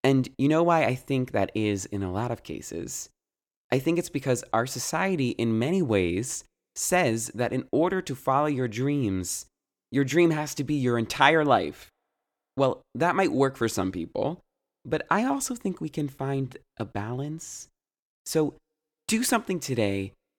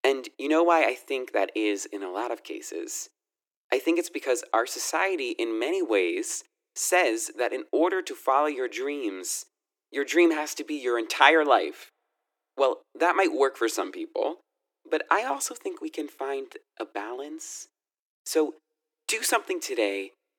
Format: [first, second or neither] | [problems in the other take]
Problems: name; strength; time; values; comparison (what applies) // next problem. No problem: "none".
first | thin; very; fading below 300 Hz